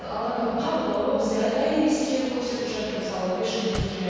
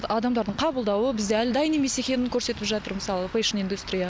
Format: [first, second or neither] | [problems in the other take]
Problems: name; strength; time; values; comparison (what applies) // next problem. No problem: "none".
second | background sound (Slam / Car); 16 dB below the speech // room echo; dies away in 2.2 s